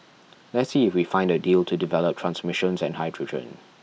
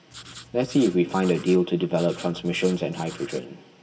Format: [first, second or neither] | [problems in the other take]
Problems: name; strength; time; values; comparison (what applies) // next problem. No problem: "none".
first | background sound (Writing); 19 dB below the speech // room echo; dies away in 2.8 s